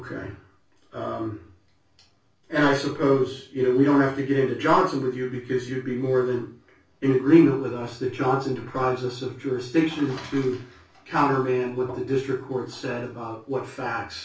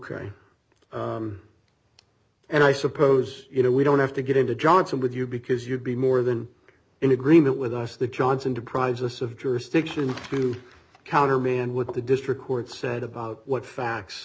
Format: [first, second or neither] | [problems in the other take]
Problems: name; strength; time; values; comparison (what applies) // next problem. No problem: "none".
second | room echo; dies away in 0.3 s